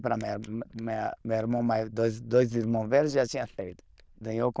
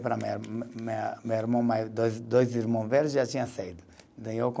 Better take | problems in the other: second | noise reduction (neural diffusion model UNIVERSE++)

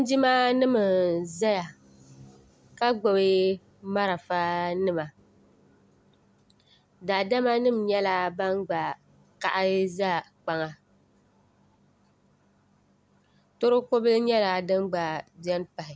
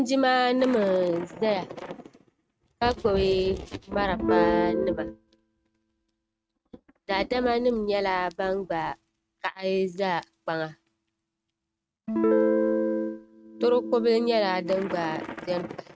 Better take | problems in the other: first | noise reduction (neural mask model RNNoise)

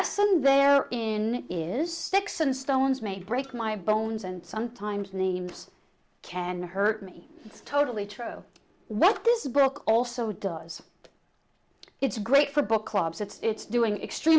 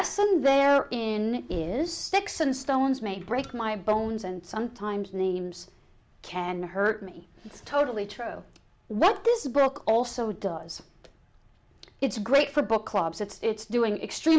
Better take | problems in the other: second | noise reduction (neural separator model SepFormer DNS4)

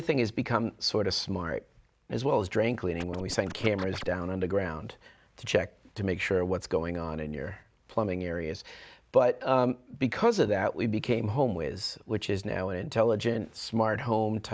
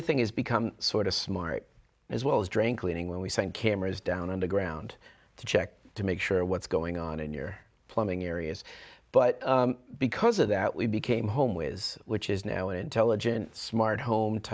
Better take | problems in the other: second | background sound (Scratching (performance technique)); 12 dB below the speech

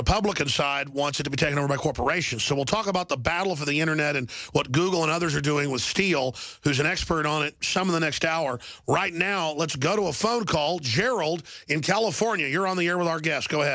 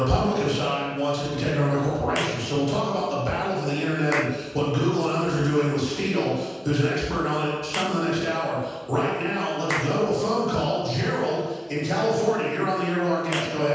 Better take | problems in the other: first | background sound (Clapping / Chirp, tweet); 16 dB below the speech // room echo; dies away in 1.2 s

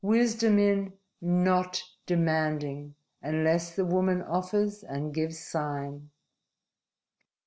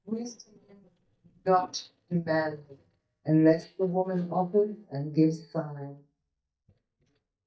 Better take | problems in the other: first | noise reduction (neural mask model DeepFilterNet 3)

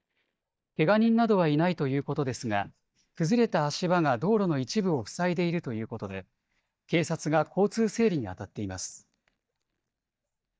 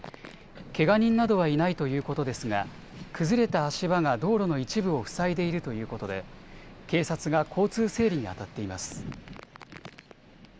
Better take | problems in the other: second | noise reduction (neural mask model DeepFilterNet 3)

